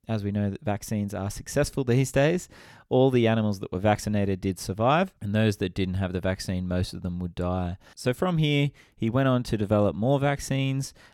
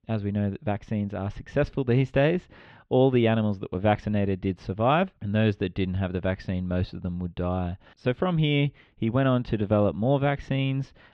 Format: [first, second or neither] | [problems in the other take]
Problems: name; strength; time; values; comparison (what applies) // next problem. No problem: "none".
first | muffled; very; fading above 3.5 kHz